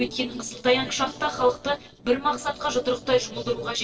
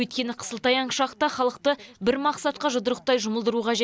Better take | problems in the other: second | noise reduction (neural separator model SepFormer DNS4)

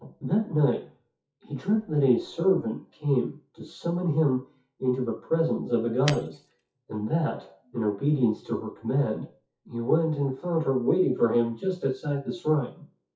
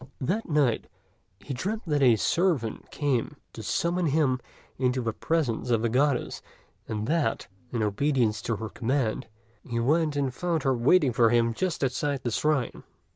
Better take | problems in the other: second | noise reduction (classical method WPE with log-MMSE)

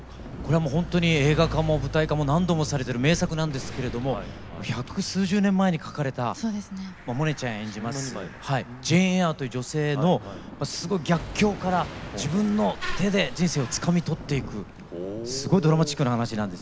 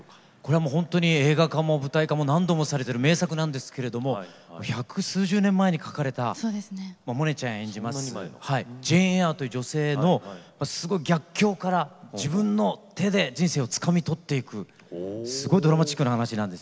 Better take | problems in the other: second | background sound (Thunder + Mechanisms / Bicycle); 12 dB below the speech

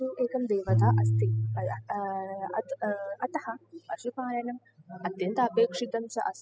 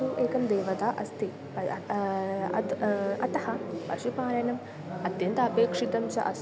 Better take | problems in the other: second | noise reduction (classical method spectral subtraction)

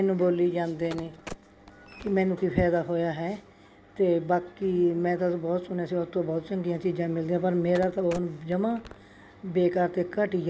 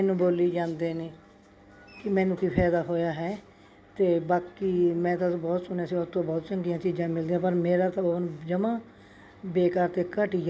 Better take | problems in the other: second | background sound (Telephone); 17 dB below the speech

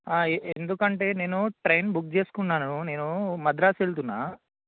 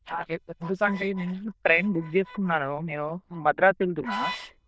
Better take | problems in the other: first | noise reduction (neural diffusion model UNIVERSE++)

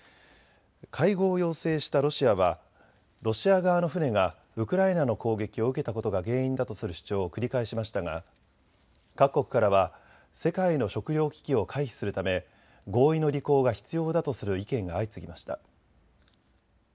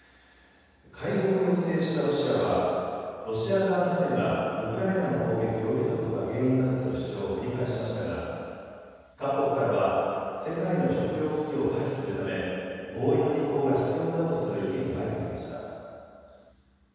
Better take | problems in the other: first | room echo; dies away in 2.1 s

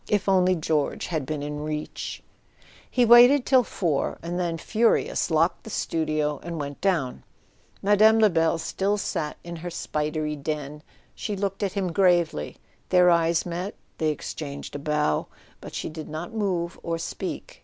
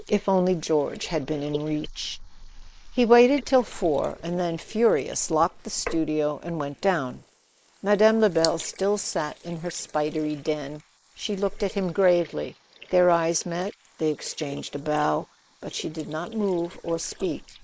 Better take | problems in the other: first | noise reduction (neural mask model Resemble Enhance denoiser)

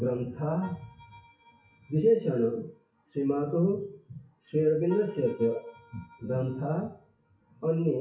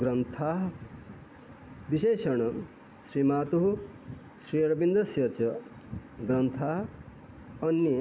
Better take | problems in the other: second | noise reduction (classical method WPE with log-MMSE)

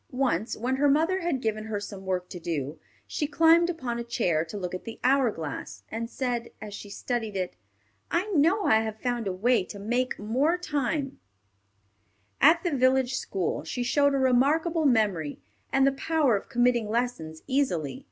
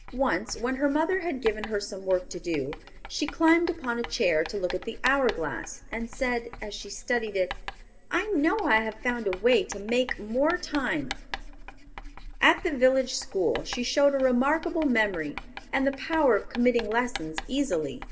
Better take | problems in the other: first | background sound (Writing); 13 dB below the speech // room echo; dies away in 2.3 s

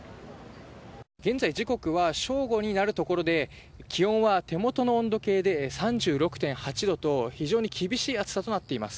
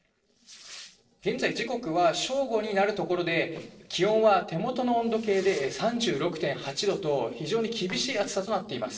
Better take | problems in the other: first | noise reduction (neural separator model SepFormer DNS4)

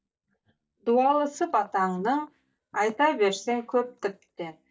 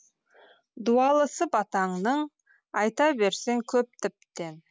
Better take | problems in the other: second | noise reduction (neural mask model DeepFilterNet 3)

